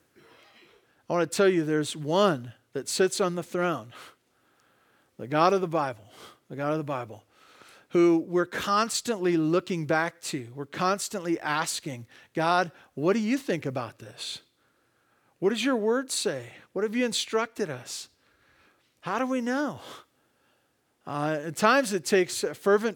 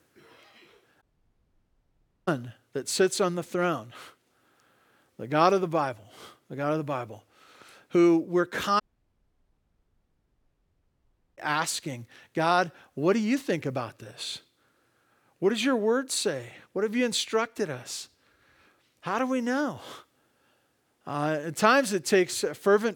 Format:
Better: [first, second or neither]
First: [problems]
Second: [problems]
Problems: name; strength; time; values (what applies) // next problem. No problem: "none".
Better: first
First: none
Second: audio cutting out; at 1 s for 1.5 s and at 9 s for 2.5 s